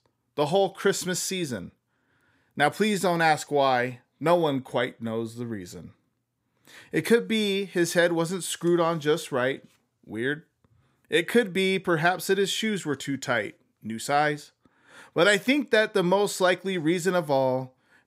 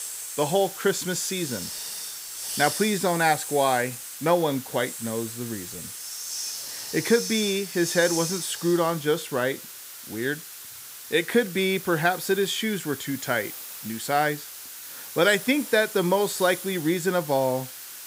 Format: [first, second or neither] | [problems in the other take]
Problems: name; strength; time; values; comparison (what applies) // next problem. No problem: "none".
first | hiss; loud; throughout; 9 dB below the speech